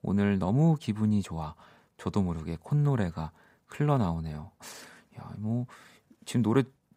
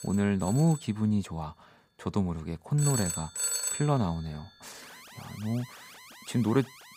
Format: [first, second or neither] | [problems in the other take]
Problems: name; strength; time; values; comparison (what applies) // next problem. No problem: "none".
first | alarms or sirens; loud; throughout; 3 dB below the speech